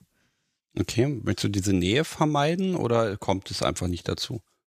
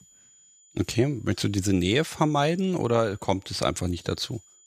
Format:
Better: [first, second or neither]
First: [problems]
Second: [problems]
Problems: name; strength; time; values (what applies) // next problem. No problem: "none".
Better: first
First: none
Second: high-pitched whine; faint; throughout; 7 kHz, 30 dB below the speech